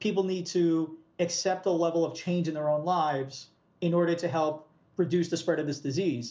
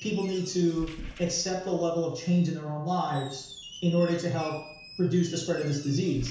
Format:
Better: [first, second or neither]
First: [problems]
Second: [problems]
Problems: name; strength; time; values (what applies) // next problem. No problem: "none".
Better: first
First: none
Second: background sound (Squeak); 17 dB below the speech // room echo; dies away in 0.5 s